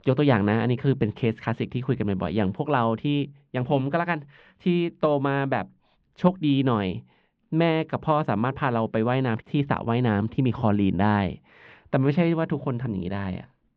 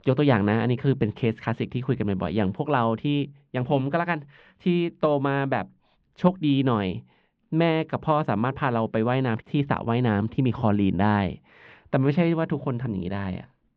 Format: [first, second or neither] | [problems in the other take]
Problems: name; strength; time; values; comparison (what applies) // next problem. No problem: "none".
neither | muffled; slightly; fading above 3 kHz; the same in both